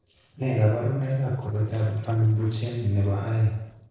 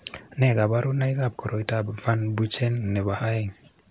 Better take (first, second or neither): second